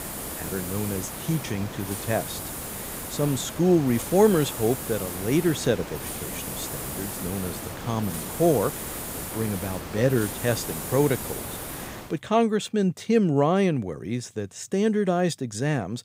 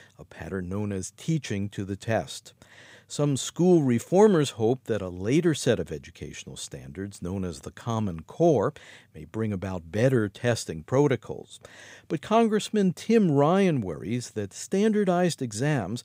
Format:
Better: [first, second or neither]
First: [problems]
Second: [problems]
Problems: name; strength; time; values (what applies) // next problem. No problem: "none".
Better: second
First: hiss; loud; until 12 s; 7 dB below the speech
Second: none